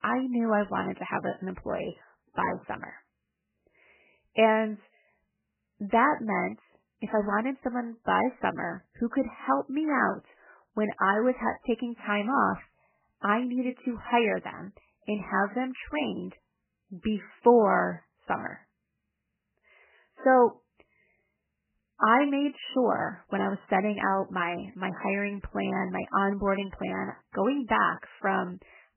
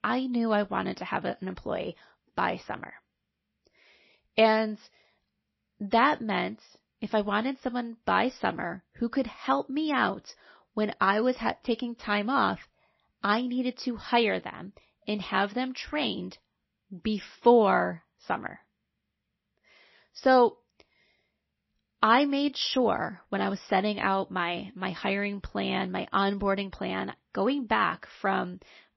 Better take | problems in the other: second | garbled, watery; badly; nothing above 3 kHz; slightly in the second

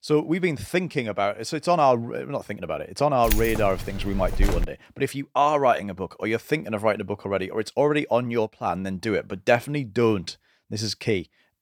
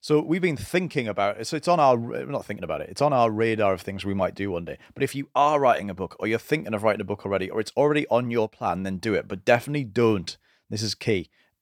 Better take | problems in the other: second | jangling keys; noticeable; from 3.5 to 4.5 s; peak 2 dB below the speech

